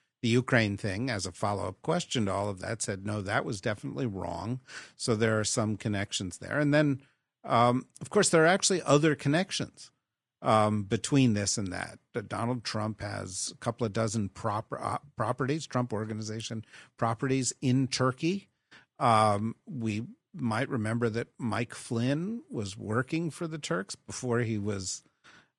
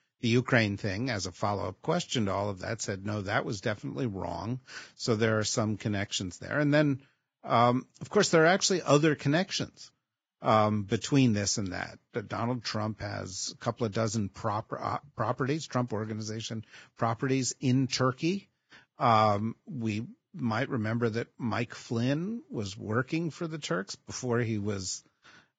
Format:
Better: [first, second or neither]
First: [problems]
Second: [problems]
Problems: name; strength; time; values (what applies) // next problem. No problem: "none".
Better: first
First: garbled, watery; slightly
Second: garbled, watery; badly; nothing above 7.5 kHz